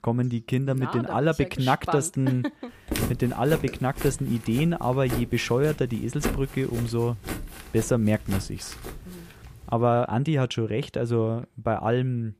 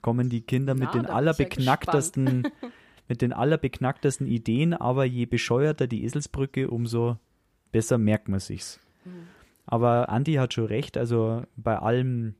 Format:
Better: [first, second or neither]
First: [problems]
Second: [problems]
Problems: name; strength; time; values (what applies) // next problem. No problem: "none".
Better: second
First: footsteps; noticeable; from 3 to 9 s; peak 3 dB below the speech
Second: none